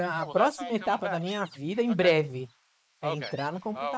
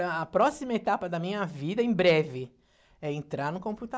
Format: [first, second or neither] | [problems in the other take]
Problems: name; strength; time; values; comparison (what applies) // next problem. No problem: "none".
second | noise reduction (neural mask model Resemble Enhance denoiser)